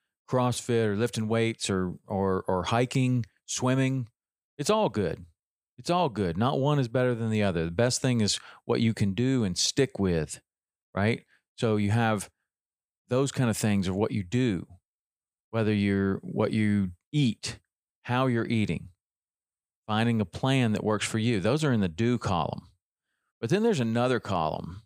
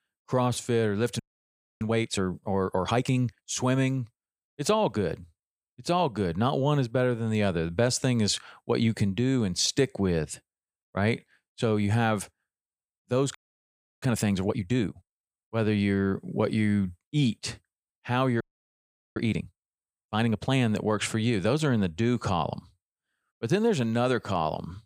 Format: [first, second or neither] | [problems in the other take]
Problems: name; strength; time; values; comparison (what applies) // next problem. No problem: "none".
first | audio freezing; at 1 s for 0.5 s, at 13 s for 0.5 s and at 18 s for 1 s